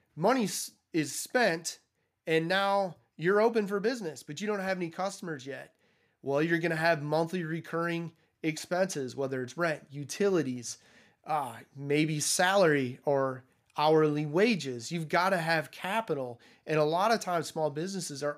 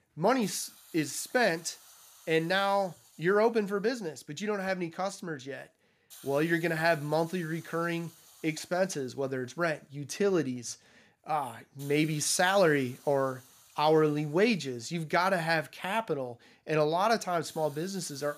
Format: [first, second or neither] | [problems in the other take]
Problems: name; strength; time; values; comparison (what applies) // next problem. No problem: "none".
first | hiss; faint; throughout; 25 dB below the speech